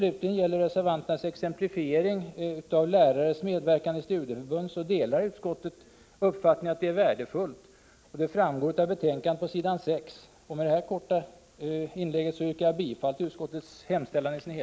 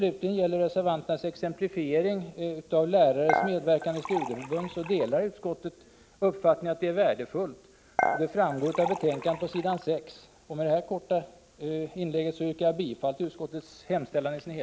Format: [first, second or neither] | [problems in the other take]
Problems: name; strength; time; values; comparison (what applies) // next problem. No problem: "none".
first | background sound (Dishes, pots, and pans / Chink, clink); 5 dB below the speech